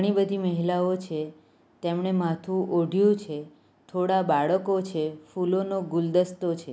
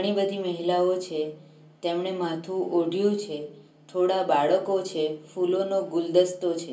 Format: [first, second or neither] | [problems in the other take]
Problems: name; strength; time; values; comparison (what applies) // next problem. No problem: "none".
first | room echo; dies away in 0.3 s